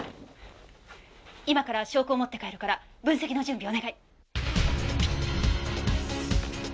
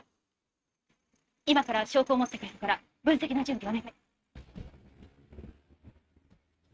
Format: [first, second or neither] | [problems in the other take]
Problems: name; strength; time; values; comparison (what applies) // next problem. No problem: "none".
first | noise reduction (neural mask model RNNoise)